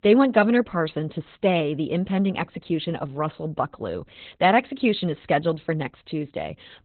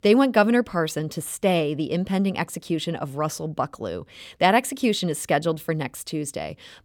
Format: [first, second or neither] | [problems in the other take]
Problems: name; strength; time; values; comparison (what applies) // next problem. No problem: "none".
second | garbled, watery; badly; nothing above 4 kHz